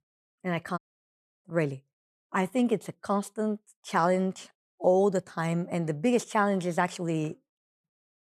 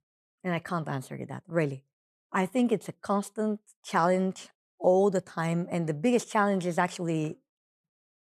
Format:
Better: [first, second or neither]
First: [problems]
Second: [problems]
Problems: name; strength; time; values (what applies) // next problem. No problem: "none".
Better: second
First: audio cutting out; at 1 s for 0.5 s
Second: none